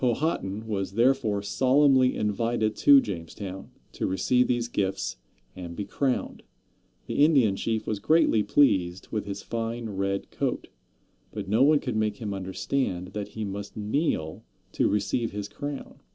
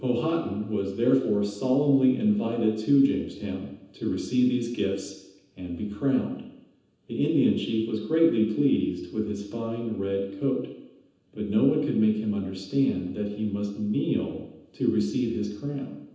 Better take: first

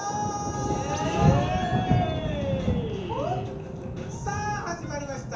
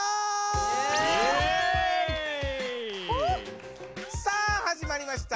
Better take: second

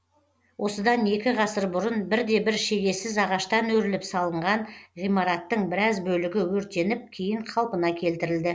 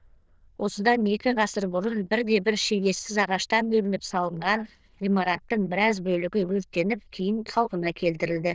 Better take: first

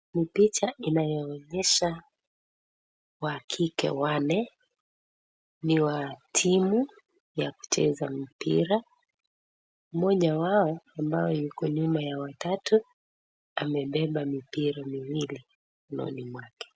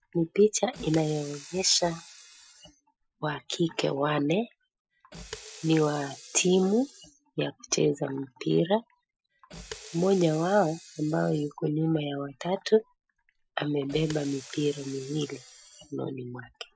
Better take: first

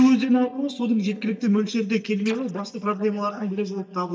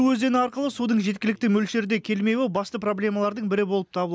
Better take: second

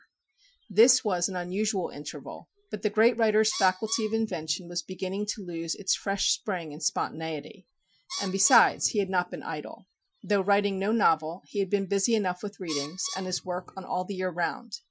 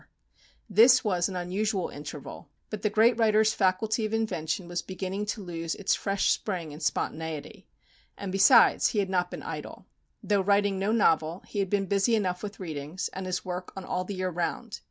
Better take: second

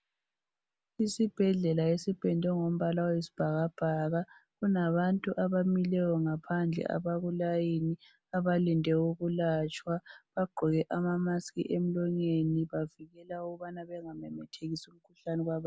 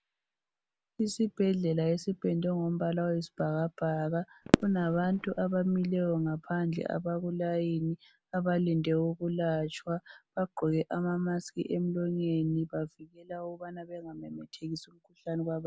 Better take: first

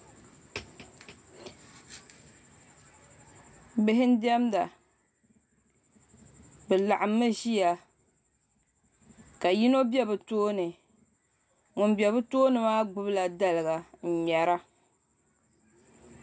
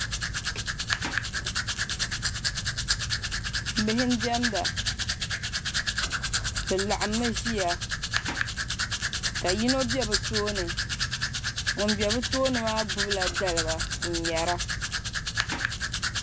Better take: first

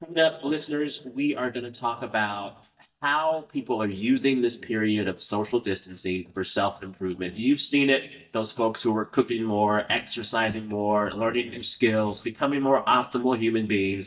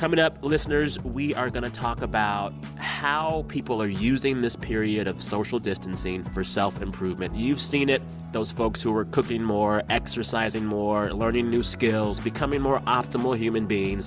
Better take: second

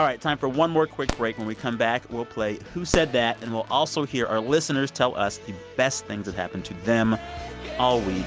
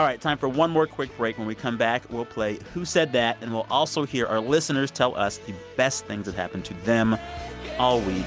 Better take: second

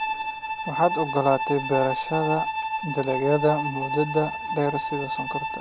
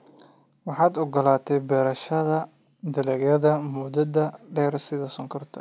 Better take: second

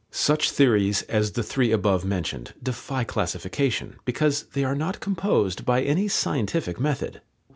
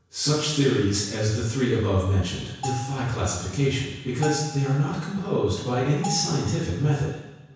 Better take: first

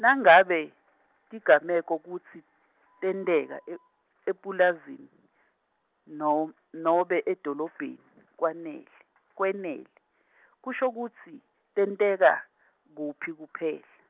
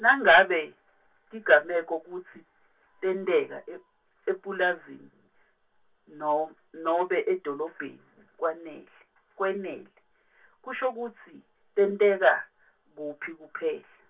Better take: first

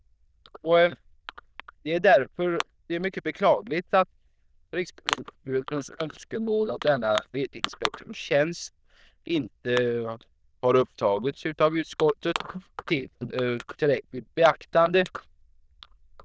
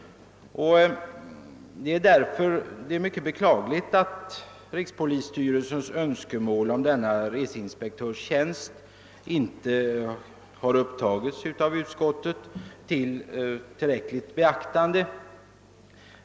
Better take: second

